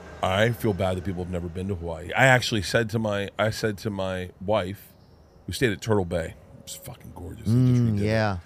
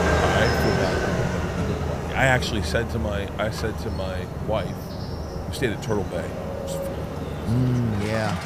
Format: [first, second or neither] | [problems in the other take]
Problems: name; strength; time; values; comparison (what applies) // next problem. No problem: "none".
first | traffic noise; loud; throughout; 1 dB below the speech; faint in the first